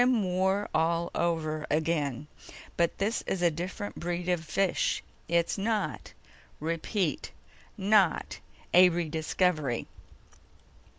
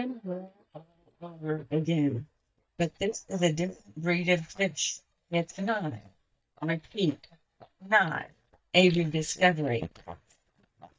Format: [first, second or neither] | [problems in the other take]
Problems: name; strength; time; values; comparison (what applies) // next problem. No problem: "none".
first | noise reduction (neural mask model DeepFilterNet 3)